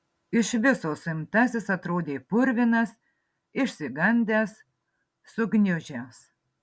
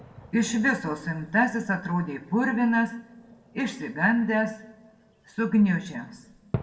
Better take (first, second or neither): first